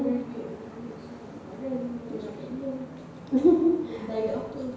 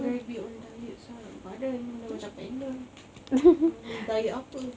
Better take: second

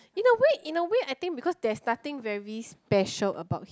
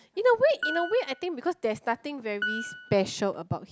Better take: first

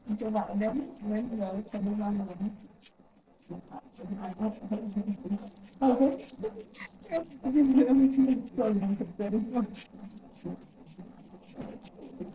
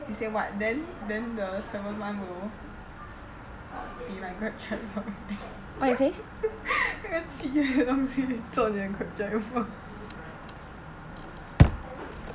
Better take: second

